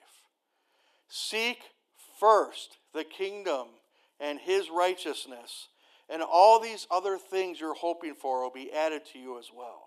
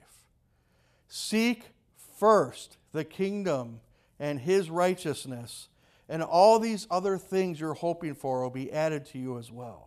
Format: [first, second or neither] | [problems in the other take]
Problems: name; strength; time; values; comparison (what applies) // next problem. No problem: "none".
second | thin; very; fading below 300 Hz